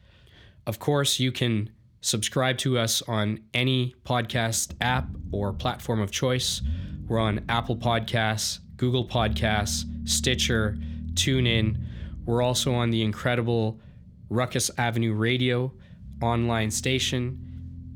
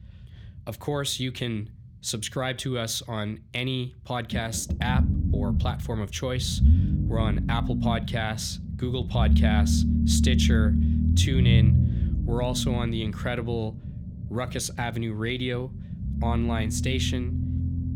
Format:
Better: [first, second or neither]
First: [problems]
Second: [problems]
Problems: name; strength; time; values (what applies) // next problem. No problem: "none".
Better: first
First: low rumble; faint; throughout; 20 dB below the speech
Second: low rumble; loud; throughout; 5 dB below the speech